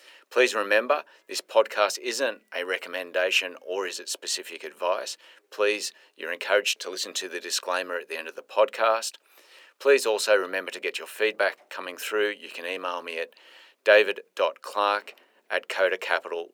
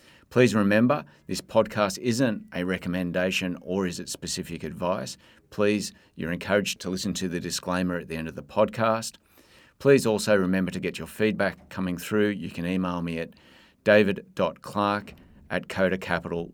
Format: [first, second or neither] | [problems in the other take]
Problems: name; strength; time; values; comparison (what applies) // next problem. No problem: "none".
second | thin; very; fading below 400 Hz